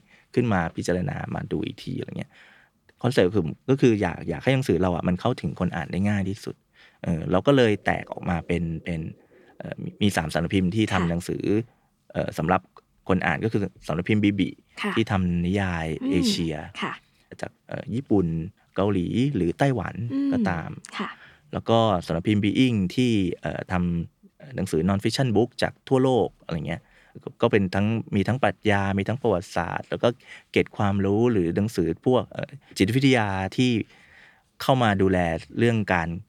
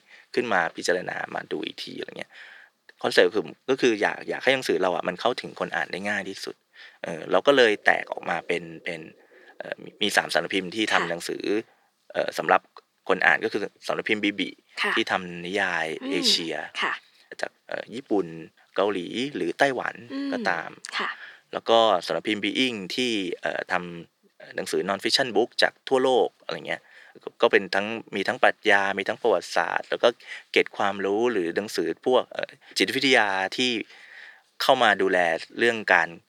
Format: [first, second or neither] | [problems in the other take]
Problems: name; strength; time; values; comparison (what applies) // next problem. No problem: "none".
first | thin; somewhat; fading below 450 Hz